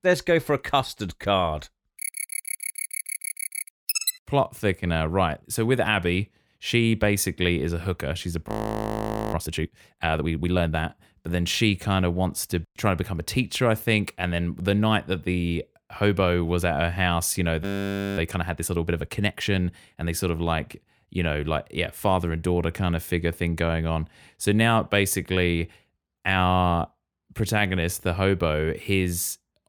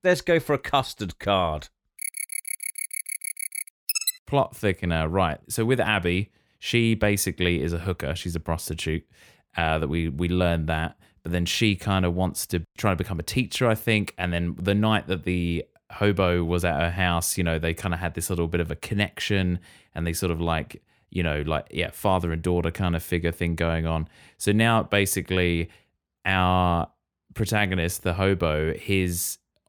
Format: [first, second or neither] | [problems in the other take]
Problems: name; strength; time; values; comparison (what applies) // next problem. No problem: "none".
second | audio freezing; at 8.5 s for 1 s and at 18 s for 0.5 s